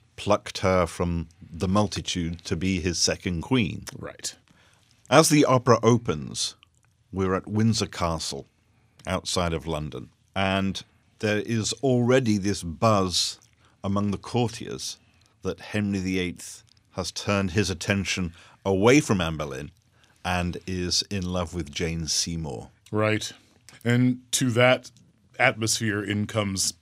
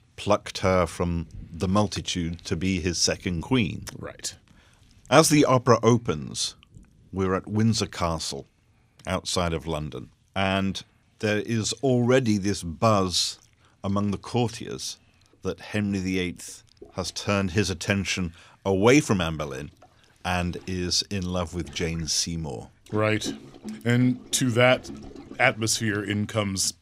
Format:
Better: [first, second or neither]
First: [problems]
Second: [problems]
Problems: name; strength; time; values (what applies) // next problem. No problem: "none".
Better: first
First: none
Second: rain or running water; faint; throughout; 20 dB below the speech